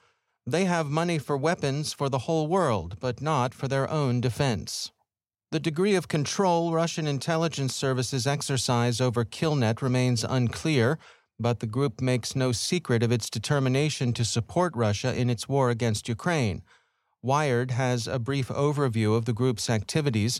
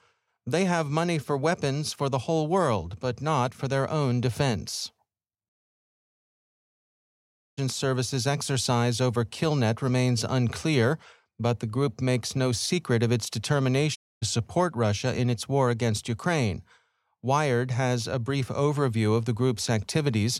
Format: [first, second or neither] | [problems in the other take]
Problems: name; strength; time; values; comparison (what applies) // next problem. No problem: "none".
first | audio cutting out; at 5.5 s for 2 s and at 14 s